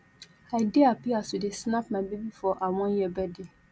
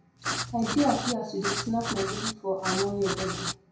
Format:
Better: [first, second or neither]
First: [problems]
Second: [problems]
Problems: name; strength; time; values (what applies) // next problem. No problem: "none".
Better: first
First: none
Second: background sound (Writing); 3 dB below the speech // room echo; dies away in 0.5 s